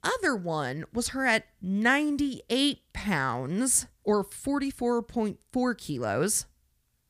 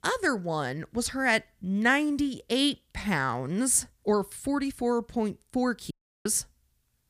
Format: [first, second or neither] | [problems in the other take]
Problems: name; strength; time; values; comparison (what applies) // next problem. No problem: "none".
first | audio cutting out; at 6 s